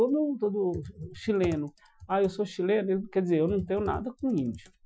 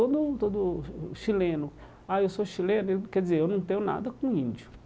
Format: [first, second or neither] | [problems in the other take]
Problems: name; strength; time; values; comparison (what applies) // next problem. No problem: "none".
second | noise reduction (classical method Wiener filter)